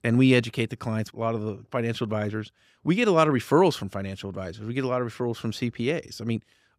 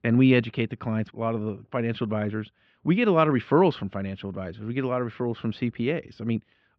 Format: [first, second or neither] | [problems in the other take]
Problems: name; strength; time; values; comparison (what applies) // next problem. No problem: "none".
first | muffled; slightly; fading above 3.5 kHz